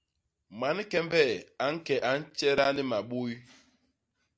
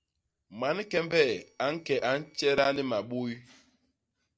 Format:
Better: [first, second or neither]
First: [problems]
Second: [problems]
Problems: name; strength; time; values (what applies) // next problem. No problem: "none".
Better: first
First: none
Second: noise reduction (neural separator model SepFormer DNS4)